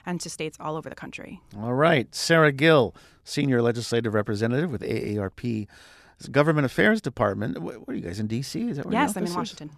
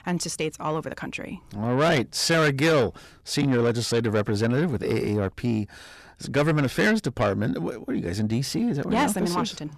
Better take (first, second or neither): first